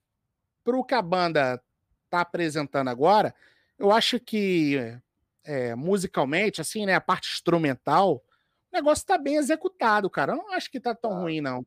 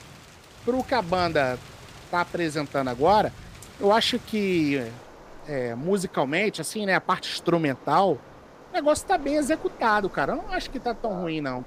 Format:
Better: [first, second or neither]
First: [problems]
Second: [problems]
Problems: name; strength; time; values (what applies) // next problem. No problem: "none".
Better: first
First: none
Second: rain or running water; noticeable; throughout; 20 dB below the speech